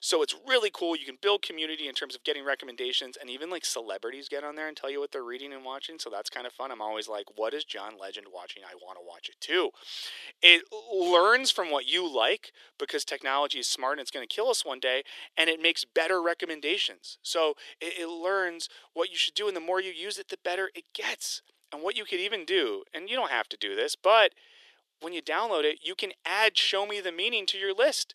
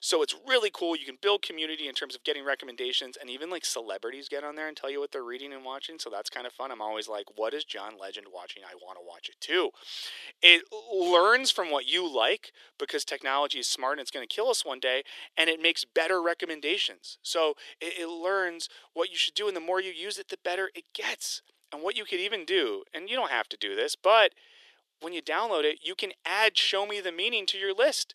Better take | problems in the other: neither | thin; very; fading below 400 Hz; the same in both

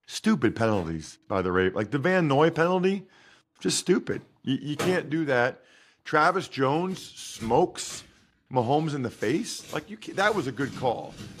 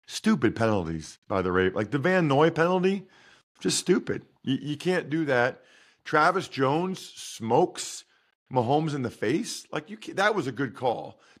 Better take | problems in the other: second | household noises; noticeable; throughout; 15 dB below the speech

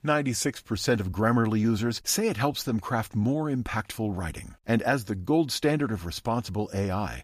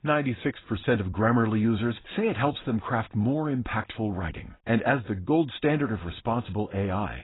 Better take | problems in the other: first | garbled, watery; badly; nothing above 4 kHz

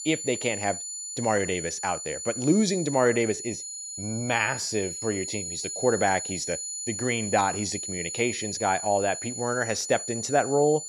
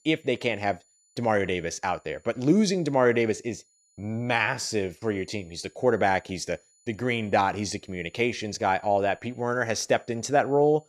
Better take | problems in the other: second | high-pitched whine; loud; throughout; 7 kHz, 5 dB below the speech; faint in the second

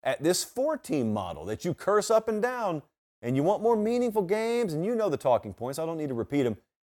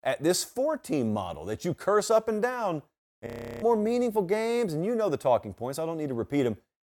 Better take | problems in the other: first | audio freezing; at 3.5 s

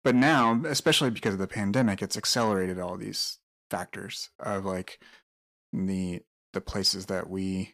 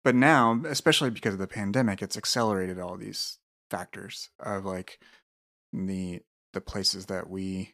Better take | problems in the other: second | distortion; slight; 10 dB below the speech

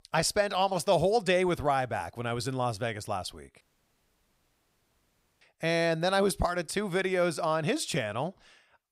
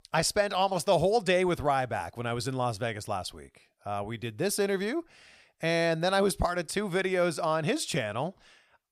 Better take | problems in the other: second | audio cutting out; at 3.5 s for 2 s

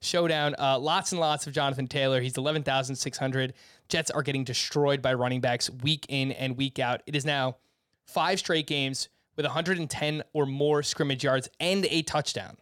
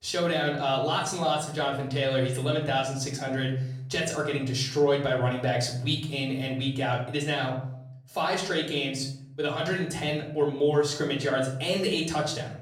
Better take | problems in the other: first | room echo; slight; dies away in 0.7 s // off-mic speech; far

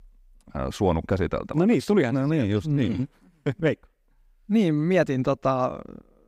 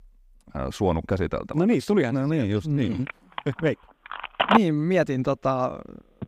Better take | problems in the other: first | phone ringing; loud; from 3 s on; peak 3 dB above the speech

